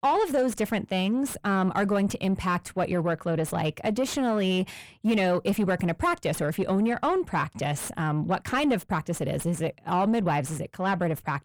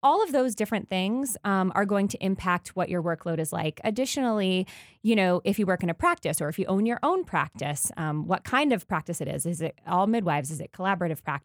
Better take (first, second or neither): second